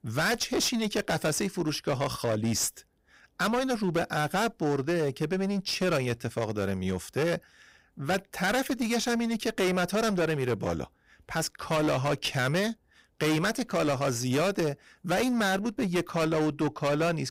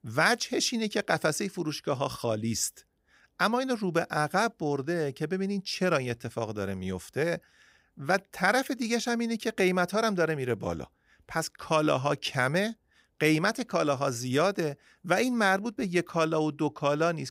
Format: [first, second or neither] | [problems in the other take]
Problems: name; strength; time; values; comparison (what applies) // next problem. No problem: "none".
second | distortion; heavy; 19% of the sound clipped